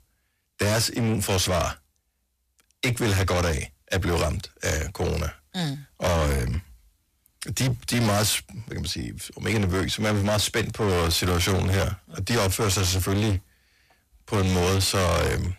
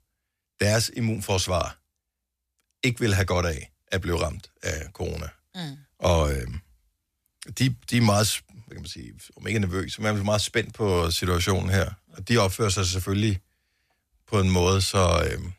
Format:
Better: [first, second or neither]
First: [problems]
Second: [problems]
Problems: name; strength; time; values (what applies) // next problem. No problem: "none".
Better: second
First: distortion; heavy; 6 dB below the speech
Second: none